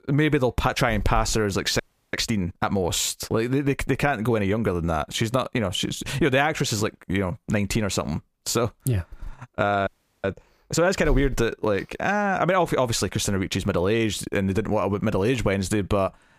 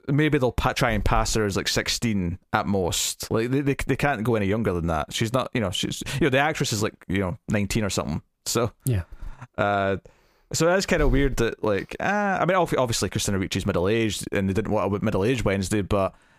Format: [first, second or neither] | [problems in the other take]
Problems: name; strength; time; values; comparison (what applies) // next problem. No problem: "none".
second | audio freezing; at 2 s and at 10 s